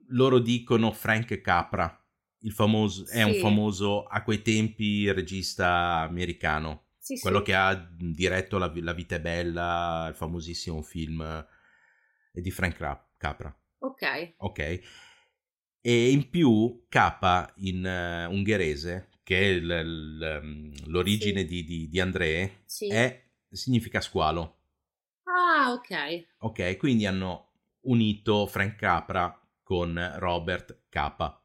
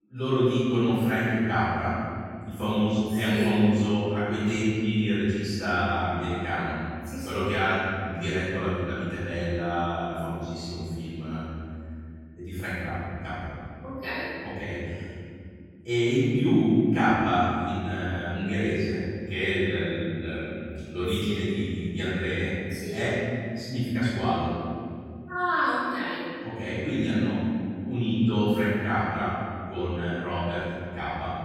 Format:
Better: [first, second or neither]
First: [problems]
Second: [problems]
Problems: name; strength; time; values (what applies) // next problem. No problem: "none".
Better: first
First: none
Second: off-mic speech; far // room echo; strong; dies away in 2.8 s